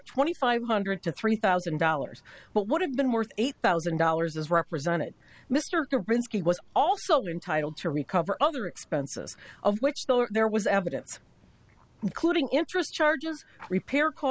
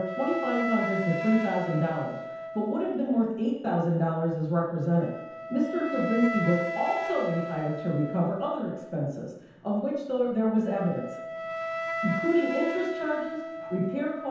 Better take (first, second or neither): first